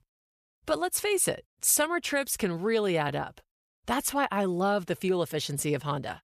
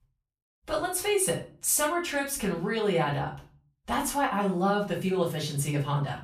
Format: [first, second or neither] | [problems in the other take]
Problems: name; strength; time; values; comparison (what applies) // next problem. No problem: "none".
first | off-mic speech; far // room echo; slight; dies away in 0.3 s